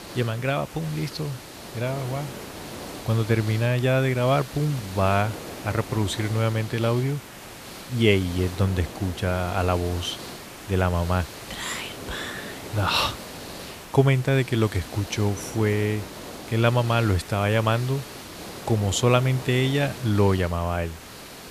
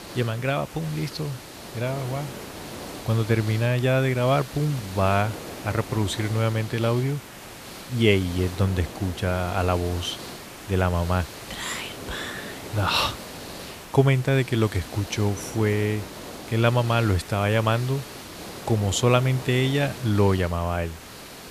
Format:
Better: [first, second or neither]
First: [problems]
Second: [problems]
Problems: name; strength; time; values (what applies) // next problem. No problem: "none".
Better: neither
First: hiss; noticeable; throughout; 15 dB below the speech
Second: hiss; noticeable; throughout; 15 dB below the speech